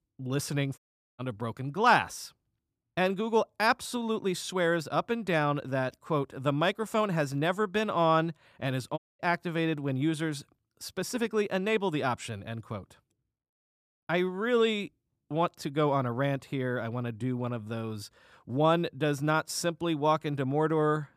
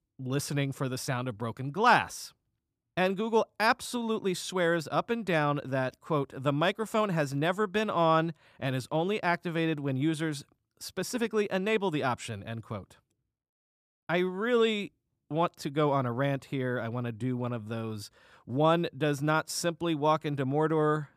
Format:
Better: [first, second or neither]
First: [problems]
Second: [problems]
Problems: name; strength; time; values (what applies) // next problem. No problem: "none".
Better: second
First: audio cutting out; at 1 s and at 9 s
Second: none